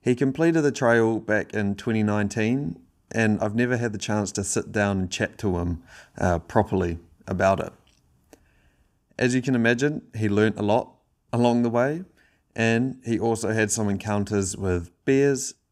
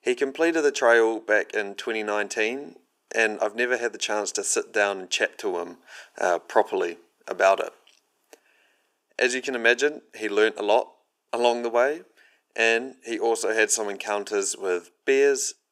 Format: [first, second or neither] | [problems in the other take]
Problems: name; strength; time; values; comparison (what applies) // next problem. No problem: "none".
first | thin; very; fading below 400 Hz